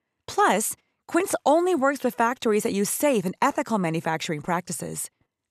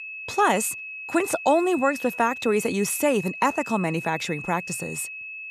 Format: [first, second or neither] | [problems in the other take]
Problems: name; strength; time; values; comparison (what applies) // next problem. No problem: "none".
first | high-pitched whine; loud; throughout; 2.5 kHz, 10 dB below the speech